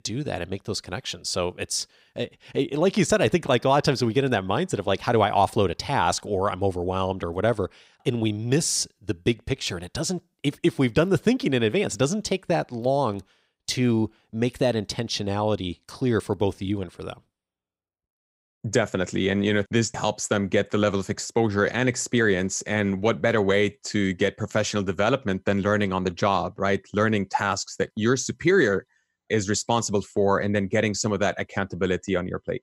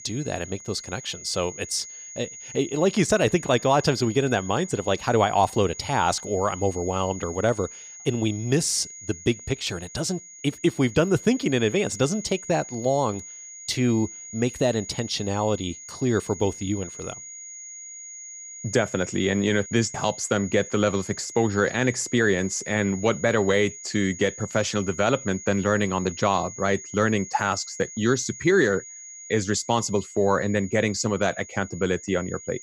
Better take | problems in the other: first | high-pitched whine; noticeable; throughout; 6.5 kHz, 15 dB below the speech

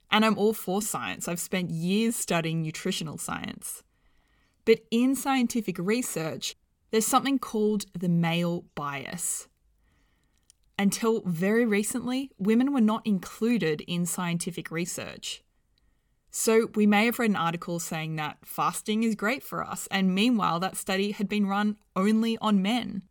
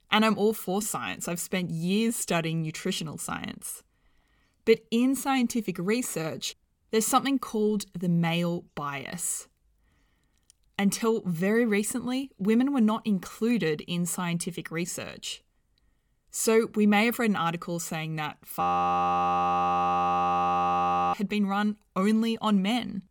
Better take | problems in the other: first | audio freezing; at 19 s for 2.5 s

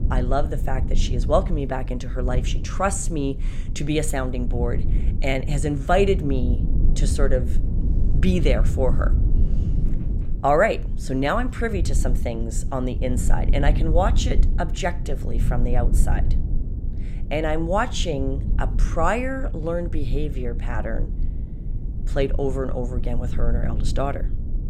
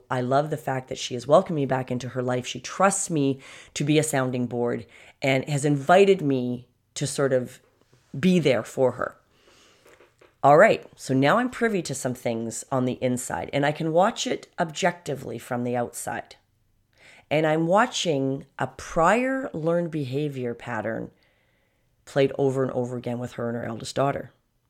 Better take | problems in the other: second | low rumble; noticeable; throughout; 15 dB below the speech

